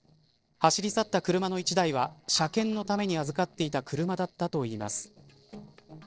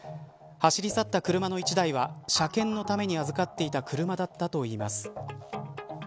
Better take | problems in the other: second | noise reduction (neural separator model SepFormer DNS4)

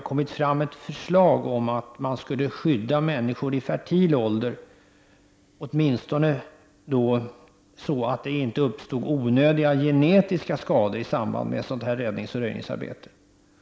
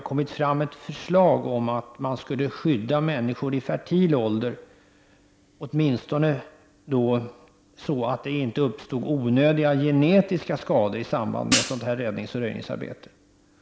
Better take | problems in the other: first | background sound (Hi-hat); 3 dB below the speech

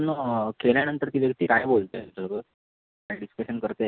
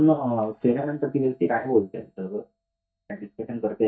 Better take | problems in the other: first | noise reduction (neural mask model DeepFilterNet 3)

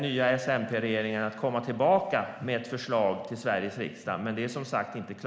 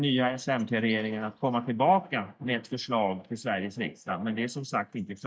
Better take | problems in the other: first | noise reduction (neural mask model DeepFilterNet 3)

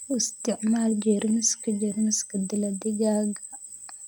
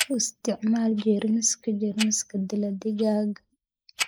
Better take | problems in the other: first | noise reduction (neural mask model Resemble Enhance denoiser)

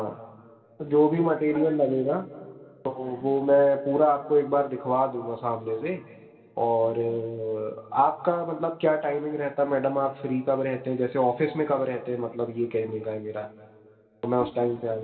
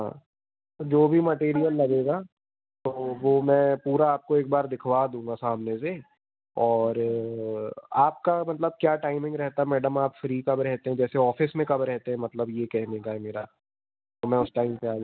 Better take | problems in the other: second | room echo; dies away in 2.8 s

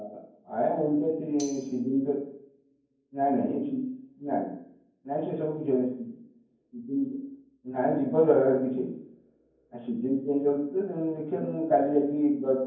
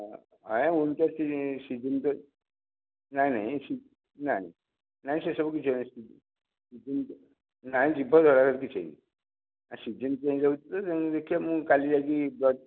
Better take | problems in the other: second | background sound (Tambourine); 17 dB below the speech // room echo; dies away in 0.9 s

